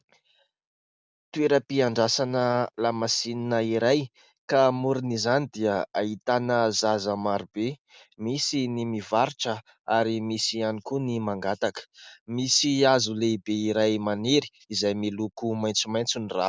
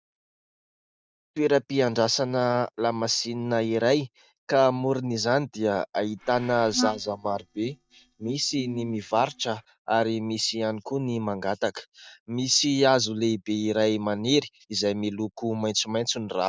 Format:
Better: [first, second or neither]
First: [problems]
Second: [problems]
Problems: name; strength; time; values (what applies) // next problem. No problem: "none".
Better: first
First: none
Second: noise reduction (neural mask model DeepFilterNet 3)